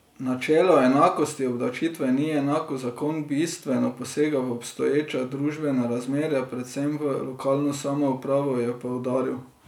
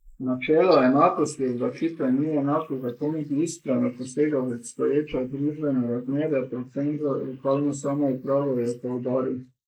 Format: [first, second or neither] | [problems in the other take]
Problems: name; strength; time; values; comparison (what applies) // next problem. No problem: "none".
first | noise reduction (neural mask model Resemble Enhance denoiser)